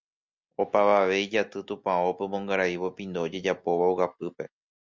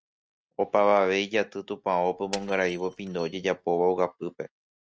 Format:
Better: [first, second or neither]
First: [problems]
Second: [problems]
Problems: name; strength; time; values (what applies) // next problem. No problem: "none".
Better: first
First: none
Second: noise reduction (neural mask model RNNoise)